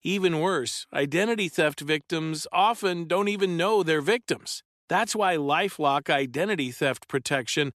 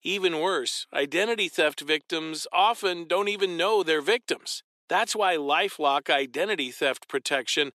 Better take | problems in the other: first | thin; somewhat; fading below 400 Hz

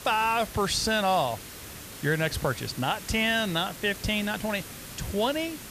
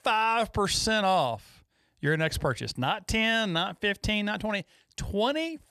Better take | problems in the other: second | hiss; noticeable; throughout; 15 dB below the speech

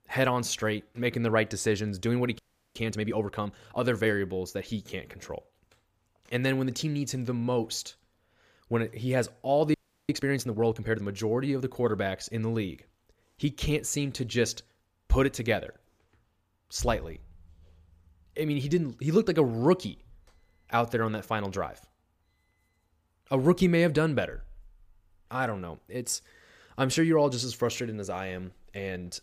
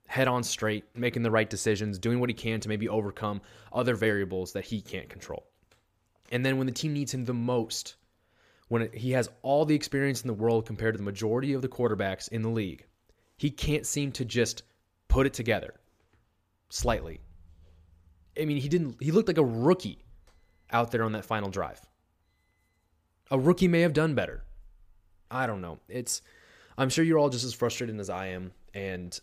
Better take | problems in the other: second | audio freezing; at 2.5 s and at 9.5 s

